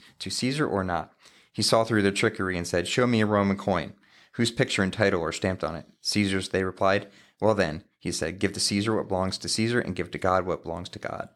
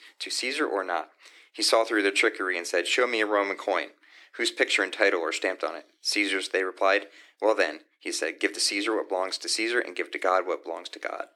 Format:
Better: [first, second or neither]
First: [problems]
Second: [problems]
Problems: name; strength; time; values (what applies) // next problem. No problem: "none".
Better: first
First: none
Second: thin; very; fading below 300 Hz